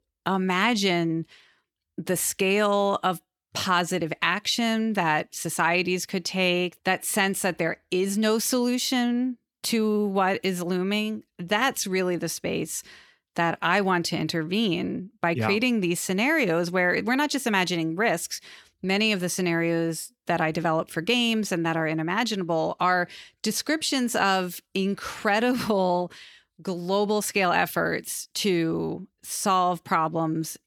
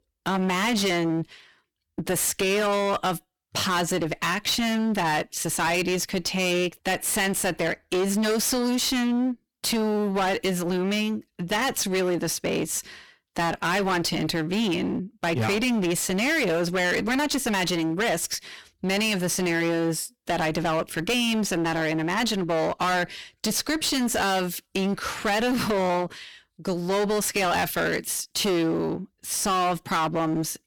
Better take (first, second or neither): first